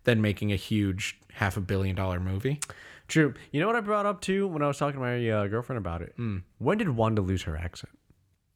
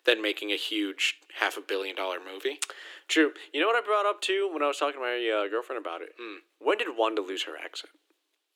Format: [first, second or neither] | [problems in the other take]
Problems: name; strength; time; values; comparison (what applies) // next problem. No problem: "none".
first | thin; very; fading below 300 Hz